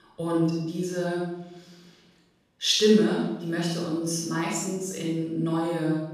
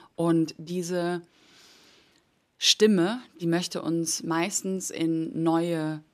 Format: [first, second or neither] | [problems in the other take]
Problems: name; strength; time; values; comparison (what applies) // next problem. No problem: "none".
second | off-mic speech; far // room echo; strong; dies away in 0.9 s